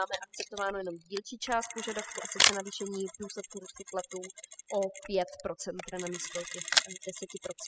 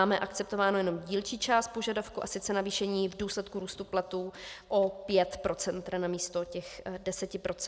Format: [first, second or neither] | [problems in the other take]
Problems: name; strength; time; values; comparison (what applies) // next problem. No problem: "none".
second | noise reduction (classical method spectral subtraction)